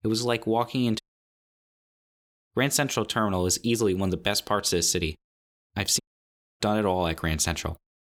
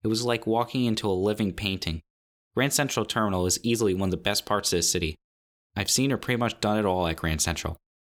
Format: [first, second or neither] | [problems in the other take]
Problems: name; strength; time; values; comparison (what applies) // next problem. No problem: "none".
second | audio cutting out; at 1 s for 1 s and at 6 s for 0.5 s